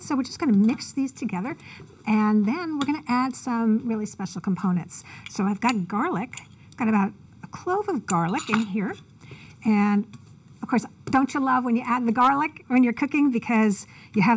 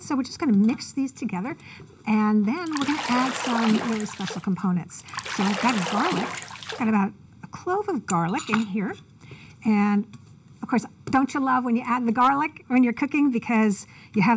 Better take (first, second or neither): first